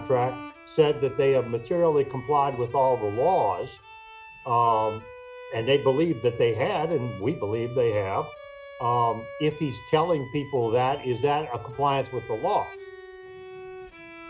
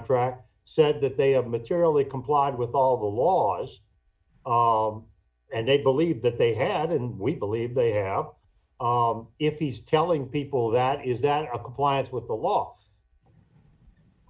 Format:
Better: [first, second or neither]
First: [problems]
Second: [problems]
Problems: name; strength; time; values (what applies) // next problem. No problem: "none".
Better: second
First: background sound (Bowed string instrument); 17 dB below the speech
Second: none